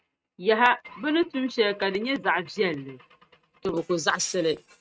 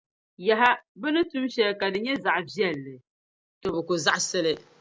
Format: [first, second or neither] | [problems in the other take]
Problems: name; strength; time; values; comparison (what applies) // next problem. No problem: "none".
second | noise reduction (neural mask model RNNoise)